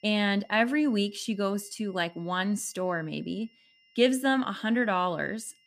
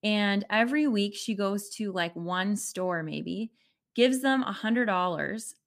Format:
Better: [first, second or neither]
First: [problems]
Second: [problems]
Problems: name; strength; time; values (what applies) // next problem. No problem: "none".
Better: second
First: high-pitched whine; faint; throughout; 3 kHz, 35 dB below the speech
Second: none